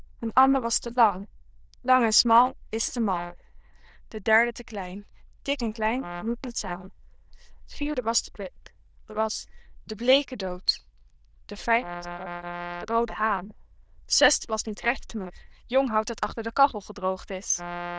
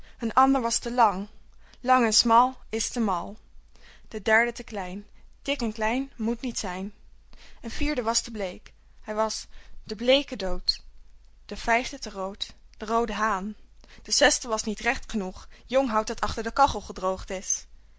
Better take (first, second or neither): second